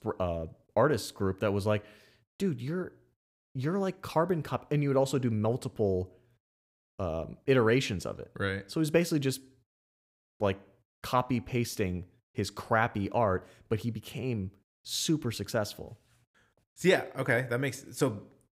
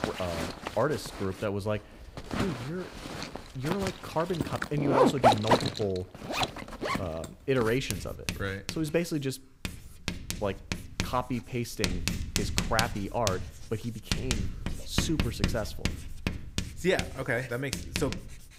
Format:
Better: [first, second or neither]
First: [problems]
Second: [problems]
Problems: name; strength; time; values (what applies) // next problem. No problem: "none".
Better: first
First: none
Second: household noises; loud; throughout; as loud as the speech